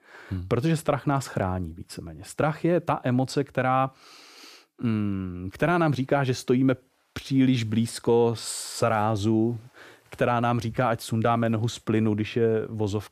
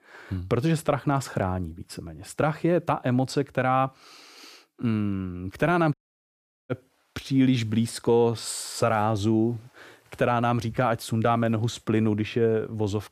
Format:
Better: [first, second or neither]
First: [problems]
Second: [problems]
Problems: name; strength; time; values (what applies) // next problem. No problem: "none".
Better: first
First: none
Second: audio cutting out; at 6 s for 1 s